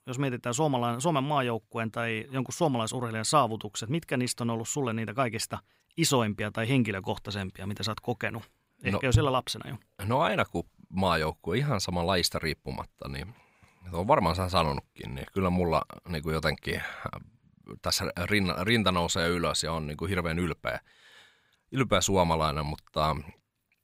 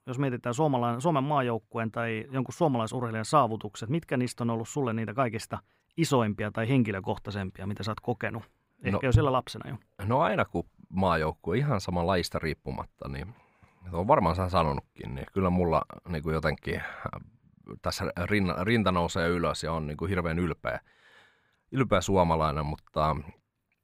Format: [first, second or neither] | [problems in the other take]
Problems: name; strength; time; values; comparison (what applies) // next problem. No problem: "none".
first | muffled; slightly; fading above 2.5 kHz